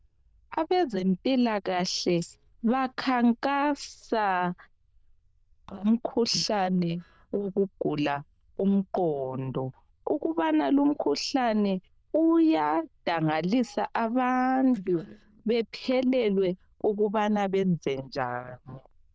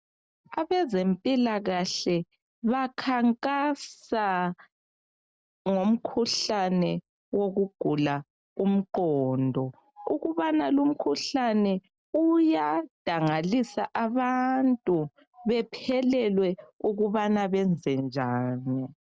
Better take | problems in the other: second | noise reduction (neural diffusion model UNIVERSE++)

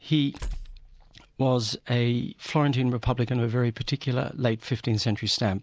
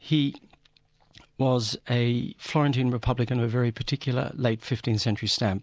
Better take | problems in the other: second | background sound (Tools); 14 dB below the speech

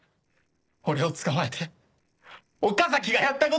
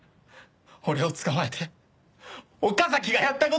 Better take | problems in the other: second | noise reduction (neural separator model SepFormer DNS4)

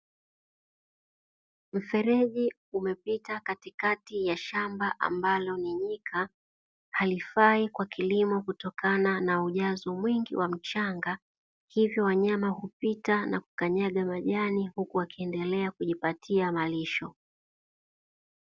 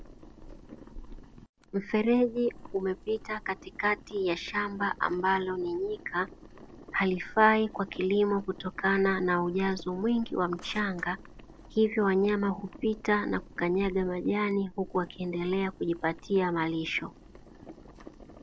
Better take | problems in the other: first | background sound (Boiling); 18 dB below the speech

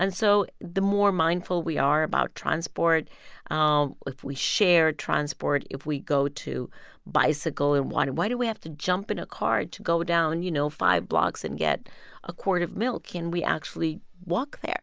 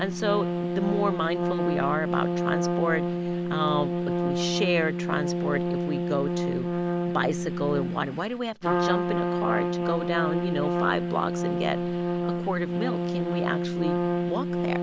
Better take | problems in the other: first | background sound (Trumpet); 3 dB above the speech

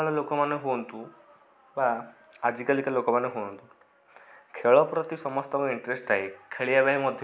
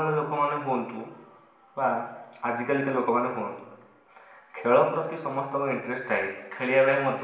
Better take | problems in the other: first | room echo; dies away in 1 s

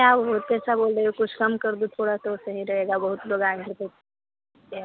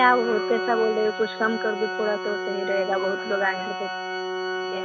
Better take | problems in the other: first | background sound (Organ); 4 dB below the speech

